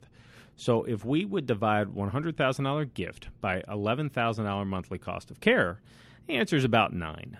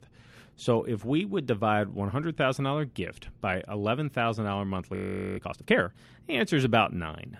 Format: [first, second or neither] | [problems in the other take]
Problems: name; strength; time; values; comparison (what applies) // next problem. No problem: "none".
first | audio freezing; at 5 s